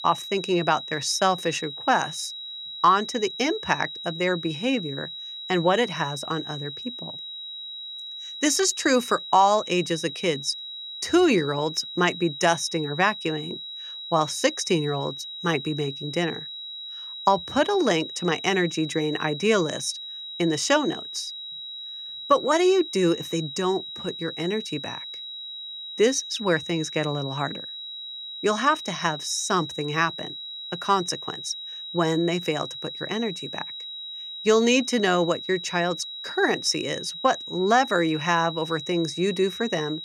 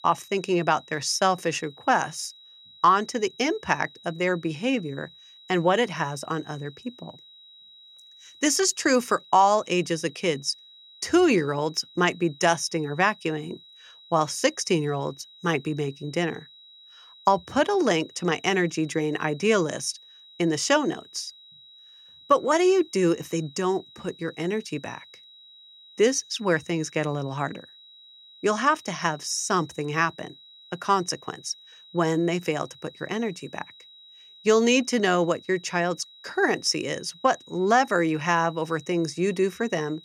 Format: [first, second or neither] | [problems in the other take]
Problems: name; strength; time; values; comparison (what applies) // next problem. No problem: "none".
second | high-pitched whine; loud; throughout; 4 kHz, 9 dB below the speech; faint in the second